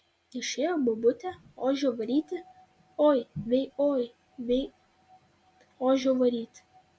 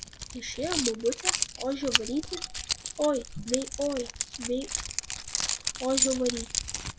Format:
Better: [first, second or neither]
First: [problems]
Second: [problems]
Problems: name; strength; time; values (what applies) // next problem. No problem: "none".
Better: first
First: none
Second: background sound (Keys jangling); as loud as the speech